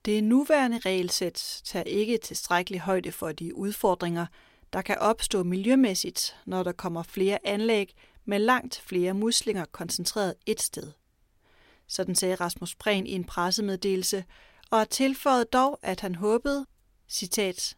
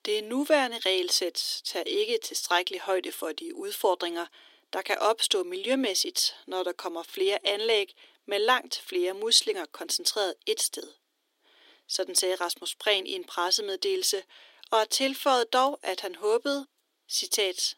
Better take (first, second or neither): first